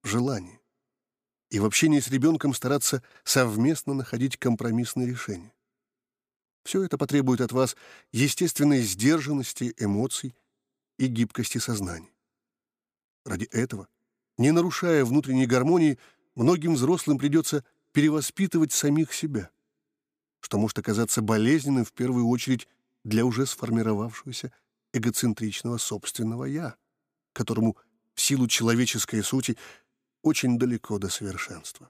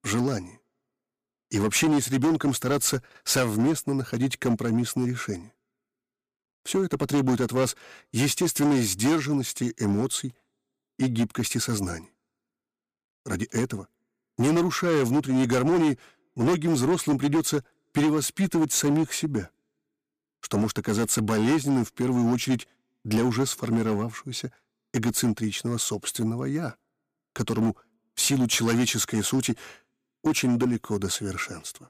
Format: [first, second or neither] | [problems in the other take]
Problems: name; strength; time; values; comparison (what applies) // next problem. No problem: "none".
first | distortion; slight; 8% of the sound clipped